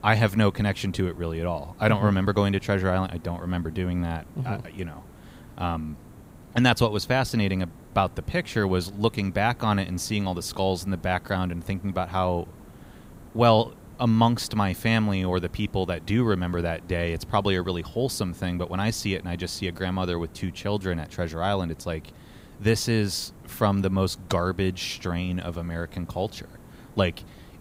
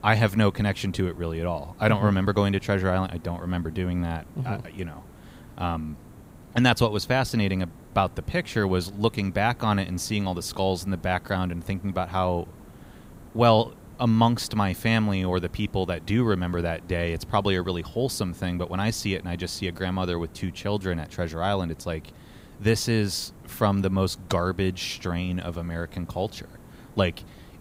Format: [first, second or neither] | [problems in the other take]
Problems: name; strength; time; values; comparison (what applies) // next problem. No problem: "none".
neither | hiss; faint; throughout; 20 dB below the speech; the same in both